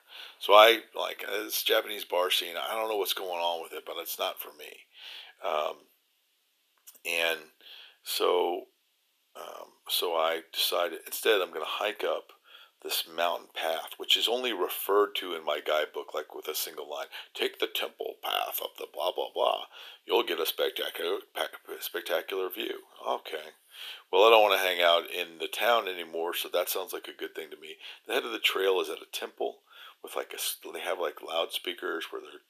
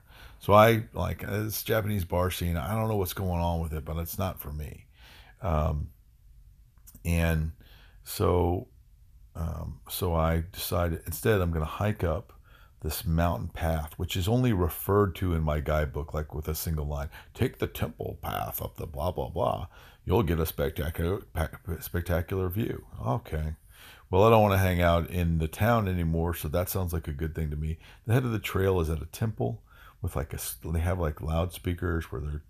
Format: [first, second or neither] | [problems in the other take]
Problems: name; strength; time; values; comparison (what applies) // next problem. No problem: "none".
second | thin; very; fading below 350 Hz